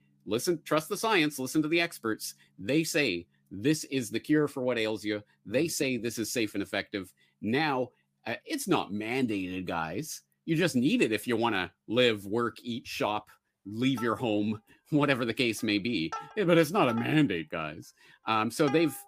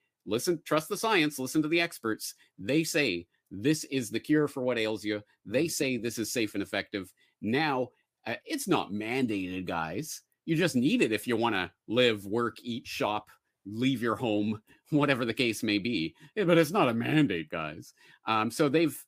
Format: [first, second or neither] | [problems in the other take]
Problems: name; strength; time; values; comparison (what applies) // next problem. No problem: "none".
second | background music; noticeable; throughout; 15 dB below the speech